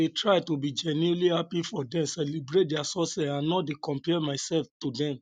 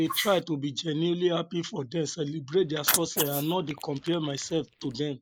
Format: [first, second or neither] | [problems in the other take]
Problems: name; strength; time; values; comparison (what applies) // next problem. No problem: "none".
first | noise reduction (neural mask model Resemble Enhance denoiser)